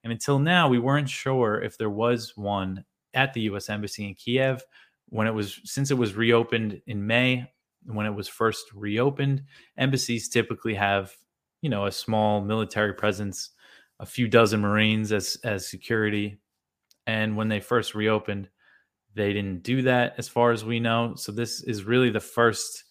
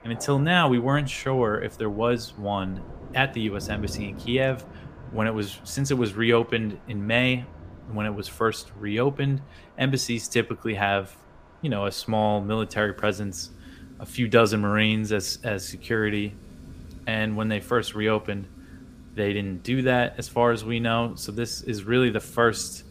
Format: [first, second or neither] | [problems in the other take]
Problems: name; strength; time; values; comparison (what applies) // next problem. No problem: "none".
first | rain or running water; faint; throughout; 20 dB below the speech